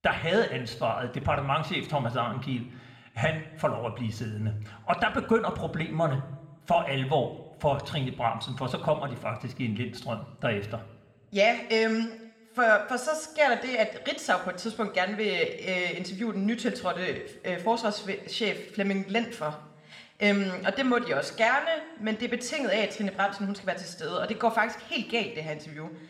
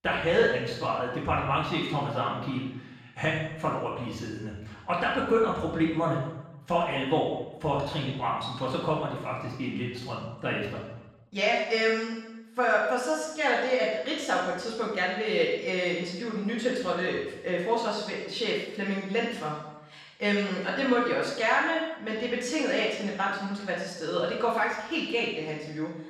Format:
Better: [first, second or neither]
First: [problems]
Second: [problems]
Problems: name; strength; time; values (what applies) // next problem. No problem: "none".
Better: first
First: room echo; slight; dies away in 0.9 s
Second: room echo; strong; dies away in 0.9 s // off-mic speech; far